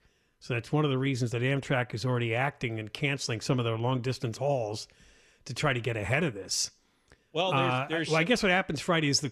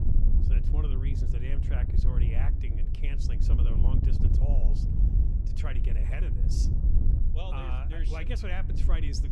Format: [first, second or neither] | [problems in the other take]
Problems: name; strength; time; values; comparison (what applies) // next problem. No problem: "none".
first | wind noise on the microphone; heavy; 2 dB below the speech